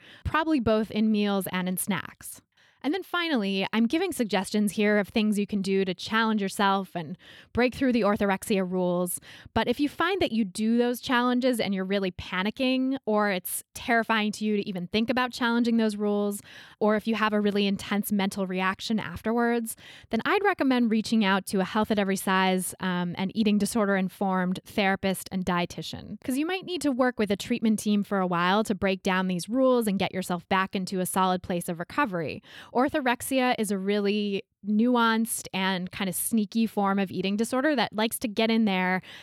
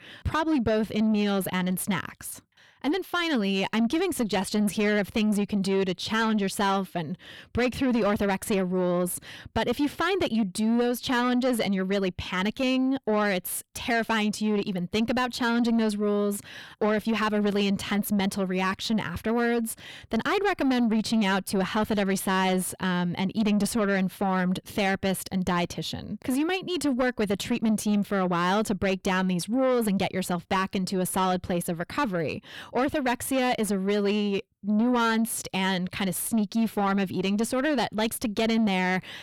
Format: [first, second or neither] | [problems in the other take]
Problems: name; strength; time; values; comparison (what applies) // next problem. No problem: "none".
first | distortion; slight; 10 dB below the speech